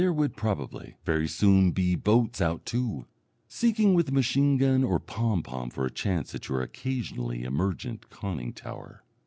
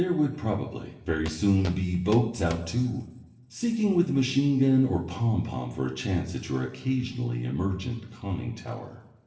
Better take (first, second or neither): first